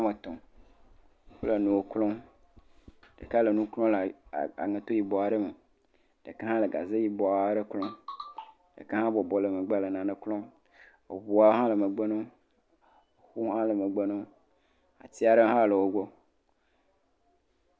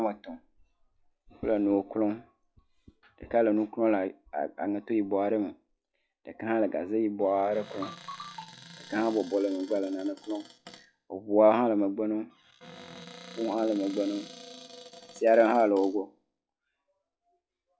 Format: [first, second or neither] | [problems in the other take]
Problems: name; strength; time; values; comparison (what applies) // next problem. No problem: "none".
first | noise reduction (classical method log-MMSE)